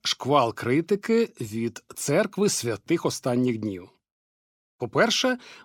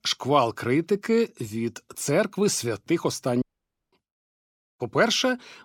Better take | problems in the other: first | audio cutting out; at 3.5 s for 0.5 s

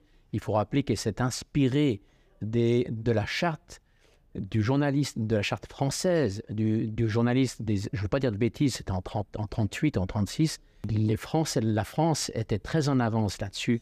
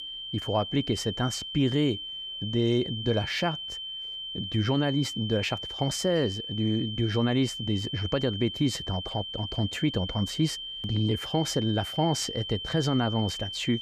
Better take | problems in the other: first | high-pitched whine; loud; throughout; 3 kHz, 6 dB below the speech

